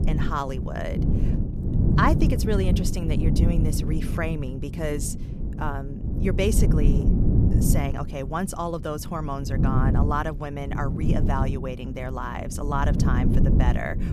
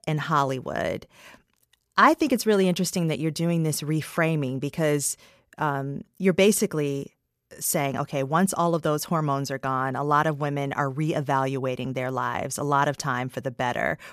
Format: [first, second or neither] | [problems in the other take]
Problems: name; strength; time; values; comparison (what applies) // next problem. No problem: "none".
second | wind noise on the microphone; heavy; 5 dB below the speech